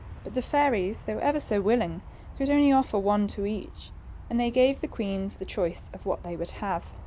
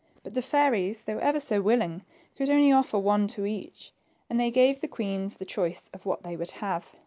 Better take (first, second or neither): second